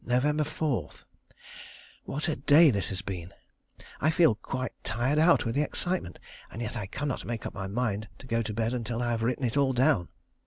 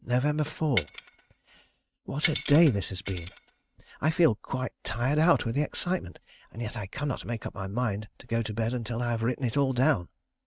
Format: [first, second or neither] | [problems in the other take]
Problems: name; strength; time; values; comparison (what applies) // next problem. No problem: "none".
first | noise reduction (neural mask model RNNoise)